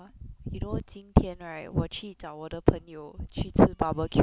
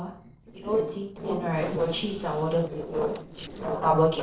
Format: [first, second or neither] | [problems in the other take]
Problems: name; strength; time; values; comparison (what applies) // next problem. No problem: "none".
first | noise reduction (neural separator model SepFormer DNS4)